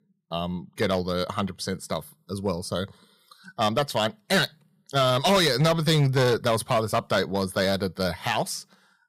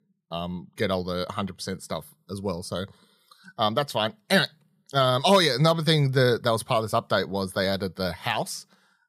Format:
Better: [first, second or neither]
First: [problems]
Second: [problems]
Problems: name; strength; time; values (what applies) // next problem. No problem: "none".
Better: second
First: distortion; slight; 6% of the sound clipped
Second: none